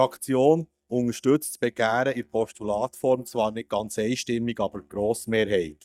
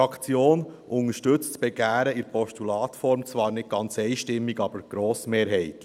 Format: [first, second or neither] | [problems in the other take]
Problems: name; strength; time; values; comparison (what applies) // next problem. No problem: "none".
second | noise reduction (neural mask model DeepFilterNet 3)